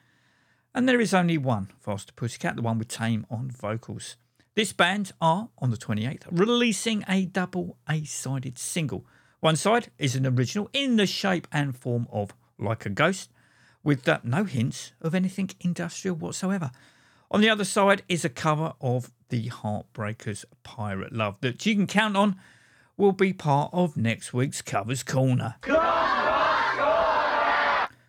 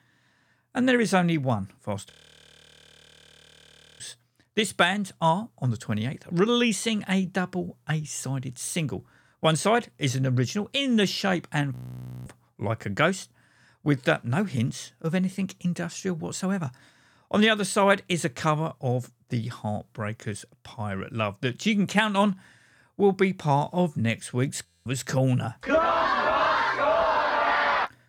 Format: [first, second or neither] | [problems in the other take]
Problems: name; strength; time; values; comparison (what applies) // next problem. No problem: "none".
first | audio freezing; at 2 s for 2 s, at 12 s for 0.5 s and at 25 s